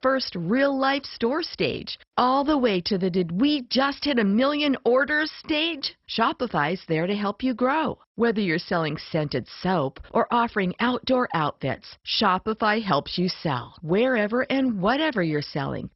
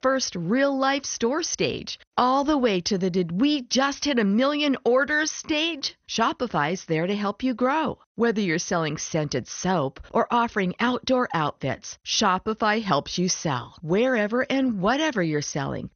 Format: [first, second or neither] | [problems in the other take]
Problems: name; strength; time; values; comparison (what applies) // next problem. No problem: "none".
second | garbled, watery; badly; nothing above 5.5 kHz; slightly in the second